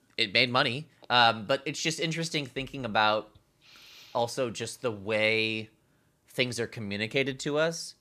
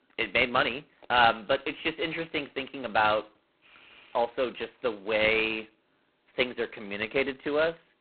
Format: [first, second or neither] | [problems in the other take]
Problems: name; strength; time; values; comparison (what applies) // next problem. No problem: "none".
first | phone-call audio; poor line; nothing above 4 kHz